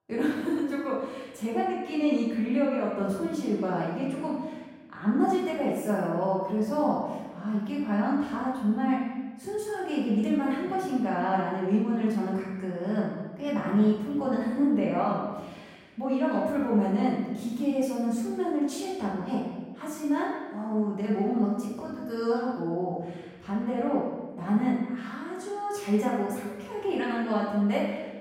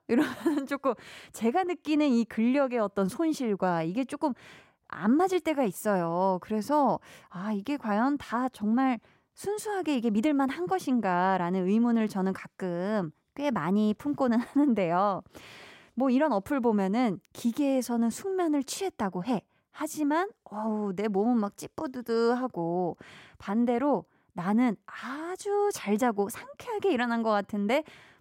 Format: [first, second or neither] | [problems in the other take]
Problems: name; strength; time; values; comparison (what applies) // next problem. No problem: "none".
second | off-mic speech; far // room echo; strong; dies away in 1.2 s